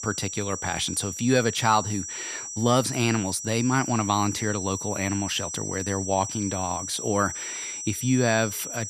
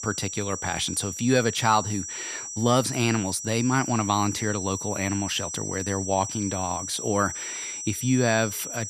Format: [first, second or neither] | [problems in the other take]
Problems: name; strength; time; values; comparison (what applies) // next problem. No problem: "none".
neither | high-pitched whine; loud; throughout; 6 kHz, 6 dB below the speech; the same in both